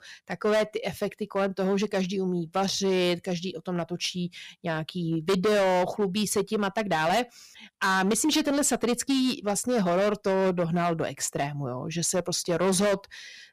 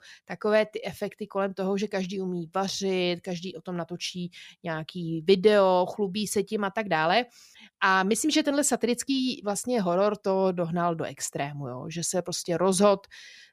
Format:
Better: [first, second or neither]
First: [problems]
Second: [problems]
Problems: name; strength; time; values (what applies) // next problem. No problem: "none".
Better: second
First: distortion; heavy; 11% of the sound clipped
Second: none